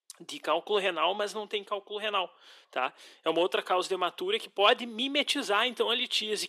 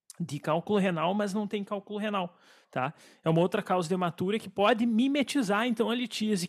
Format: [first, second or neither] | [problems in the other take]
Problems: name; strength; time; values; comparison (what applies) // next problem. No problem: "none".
second | thin; somewhat; fading below 350 Hz